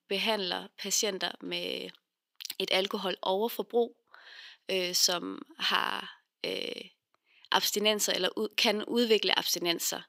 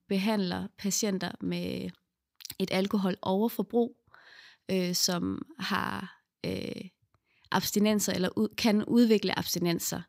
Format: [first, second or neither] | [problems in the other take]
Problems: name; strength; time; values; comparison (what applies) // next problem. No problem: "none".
second | thin; somewhat; fading below 450 Hz